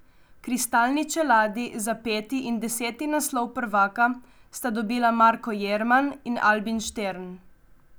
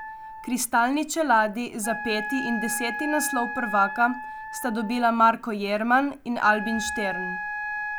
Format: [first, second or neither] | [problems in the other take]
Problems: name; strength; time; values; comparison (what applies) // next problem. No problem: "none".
first | background sound (Wind instrument, woodwind instrument); 9 dB below the speech